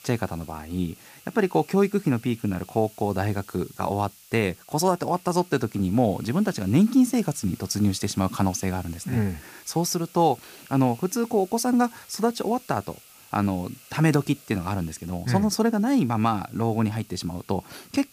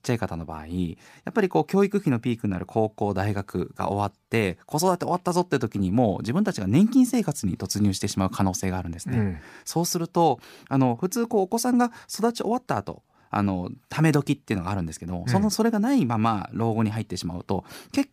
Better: second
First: hiss; faint; throughout; 20 dB below the speech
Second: none

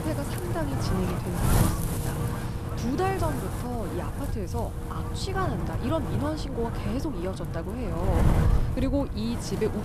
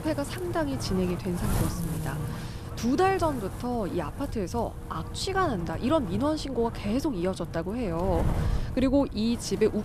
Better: second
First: wind noise on the microphone; heavy; 2 dB below the speech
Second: wind noise on the microphone; occasional gusts; 10 dB below the speech

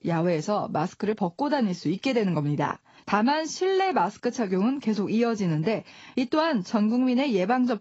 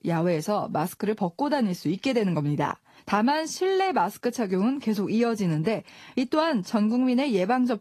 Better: second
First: garbled, watery; badly; nothing above 7 kHz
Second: garbled, watery; slightly; nothing above 13.5 kHz

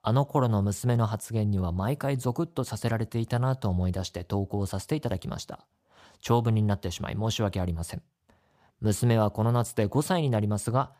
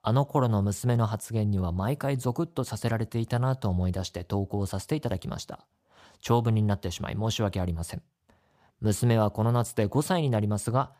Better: neither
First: none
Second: none

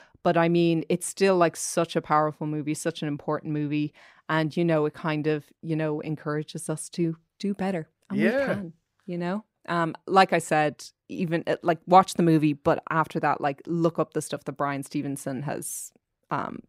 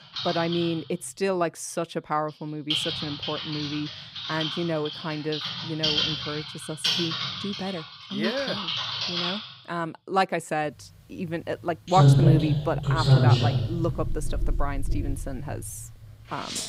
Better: first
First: none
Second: household noises; very loud; throughout; 4 dB above the speech

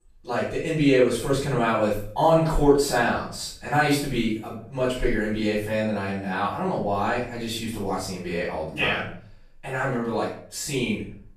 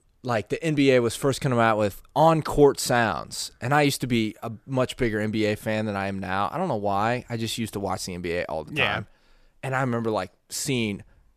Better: second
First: off-mic speech; far // room echo; noticeable; dies away in 0.4 s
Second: none

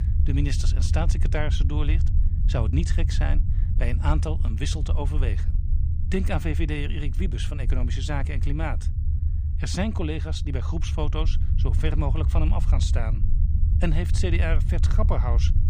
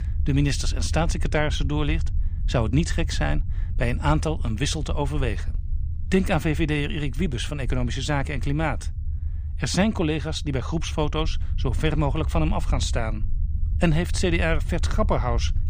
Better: second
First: low rumble; loud; throughout; 9 dB below the speech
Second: low rumble; faint; throughout; 20 dB below the speech

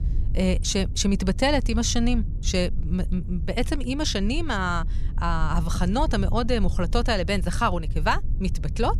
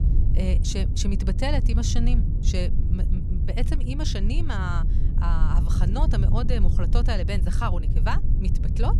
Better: first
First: low rumble; faint; throughout; 20 dB below the speech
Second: low rumble; loud; throughout; 8 dB below the speech

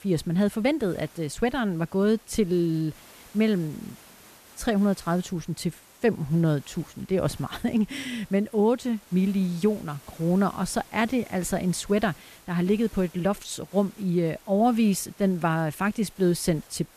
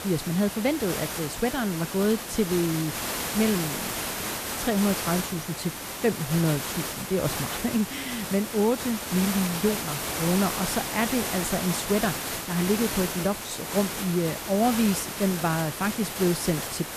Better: first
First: hiss; faint; throughout; 25 dB below the speech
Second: hiss; loud; throughout; 3 dB below the speech

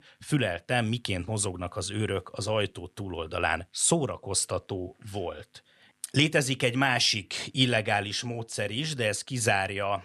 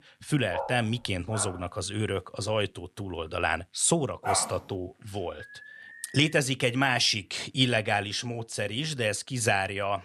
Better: first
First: none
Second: dog barking; noticeable; from 0.5 to 1.5 s and at 4.5 s; peak 3 dB below the speech // alarm; faint; at 5.5 s; peak 20 dB below the speech

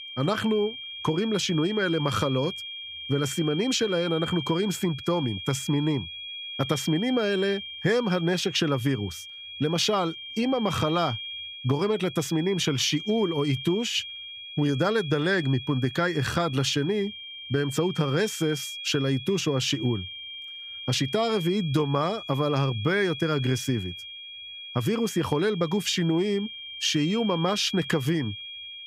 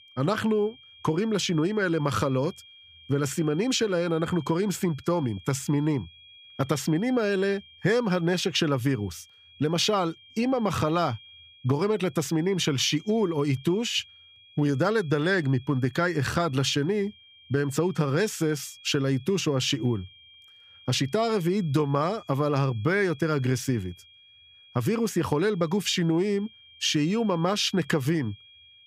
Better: second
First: high-pitched whine; loud; throughout; 3 kHz, 10 dB below the speech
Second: high-pitched whine; faint; throughout; 3 kHz, 25 dB below the speech

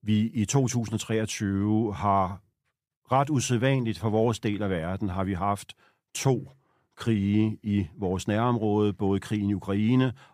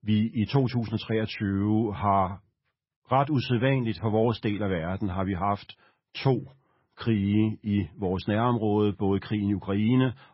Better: first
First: none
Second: garbled, watery; badly; nothing above 5.5 kHz

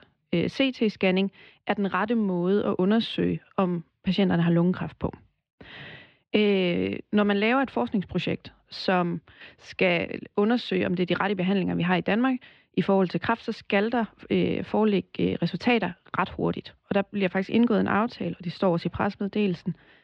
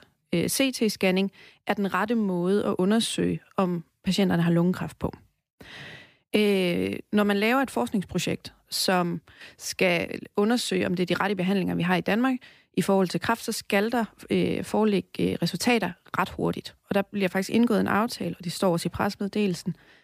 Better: second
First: muffled; slightly; fading above 3.5 kHz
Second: none

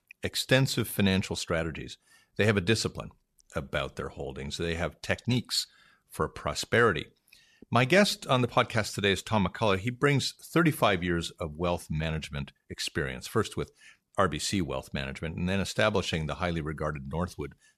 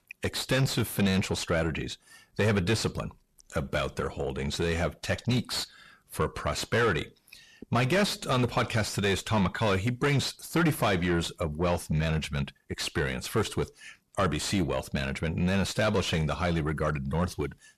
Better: first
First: none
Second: distortion; heavy; 6 dB below the speech

